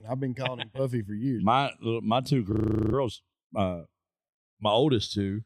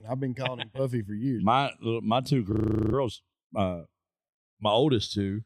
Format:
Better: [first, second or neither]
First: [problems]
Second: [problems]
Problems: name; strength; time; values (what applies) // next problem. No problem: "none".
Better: neither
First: audio freezing; at 2.5 s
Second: audio freezing; at 2.5 s